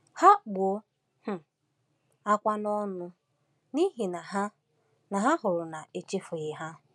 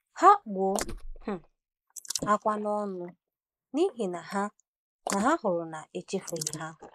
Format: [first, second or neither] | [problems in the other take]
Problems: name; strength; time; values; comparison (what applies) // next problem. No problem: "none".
first | noise reduction (neural mask model Resemble Enhance denoiser)